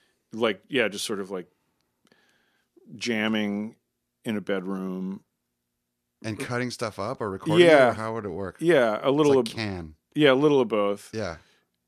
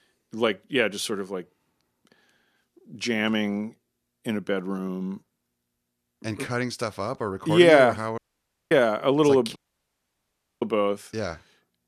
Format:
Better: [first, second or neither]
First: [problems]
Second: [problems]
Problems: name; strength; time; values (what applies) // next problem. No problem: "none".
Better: first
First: none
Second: audio cutting out; at 8 s for 0.5 s and at 9.5 s for 1 s